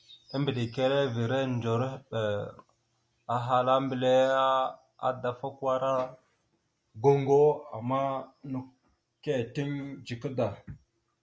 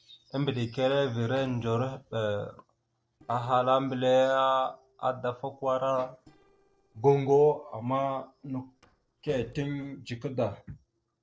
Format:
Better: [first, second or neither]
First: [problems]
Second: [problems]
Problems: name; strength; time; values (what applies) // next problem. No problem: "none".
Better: first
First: none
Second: noise reduction (neural separator model SepFormer DNS4)